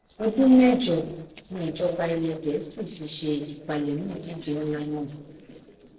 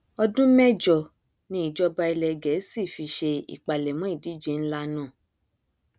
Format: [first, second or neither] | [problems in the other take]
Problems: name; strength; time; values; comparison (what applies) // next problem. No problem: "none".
second | noise reduction (neural separator model SepFormer DNS4)